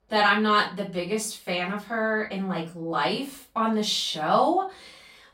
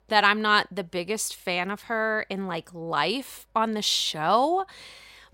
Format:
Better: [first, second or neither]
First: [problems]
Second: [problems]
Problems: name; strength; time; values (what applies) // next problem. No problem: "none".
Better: second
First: off-mic speech; far // room echo; slight; dies away in 0.3 s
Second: none